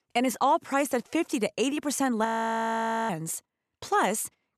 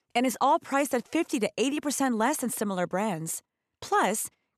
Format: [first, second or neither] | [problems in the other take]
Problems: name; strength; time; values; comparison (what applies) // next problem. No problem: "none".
second | audio freezing; at 2.5 s for 1 s